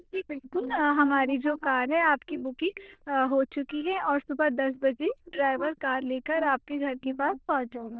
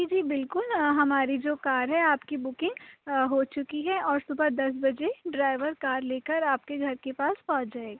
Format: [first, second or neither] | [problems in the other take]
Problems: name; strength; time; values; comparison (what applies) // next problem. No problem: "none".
second | noise reduction (neural diffusion model UNIVERSE++)